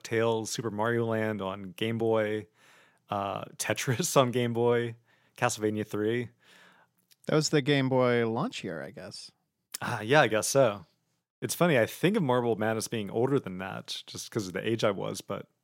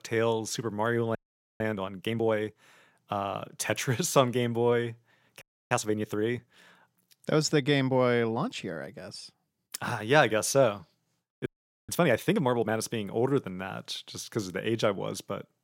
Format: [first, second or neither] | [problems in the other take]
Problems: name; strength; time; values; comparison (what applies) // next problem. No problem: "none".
first | audio freezing; at 1 s, at 5.5 s and at 11 s